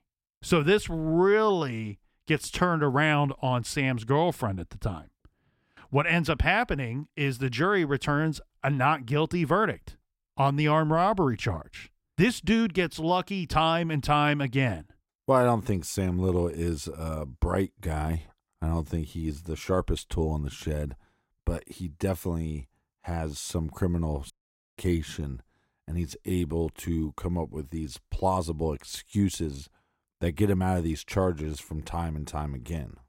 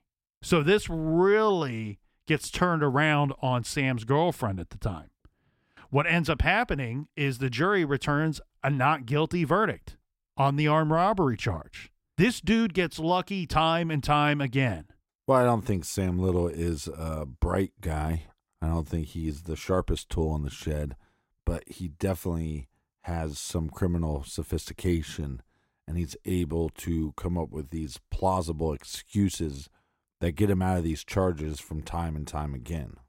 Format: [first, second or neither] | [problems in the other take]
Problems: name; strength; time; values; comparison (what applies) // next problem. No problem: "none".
second | audio cutting out; at 24 s